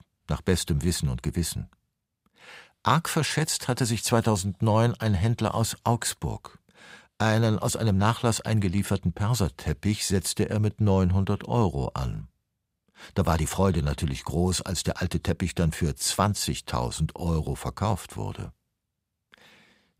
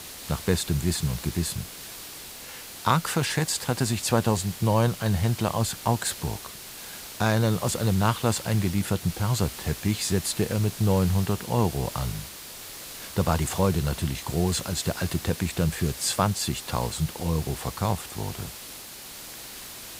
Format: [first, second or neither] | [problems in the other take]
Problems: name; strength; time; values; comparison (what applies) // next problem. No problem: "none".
first | hiss; noticeable; throughout; 10 dB below the speech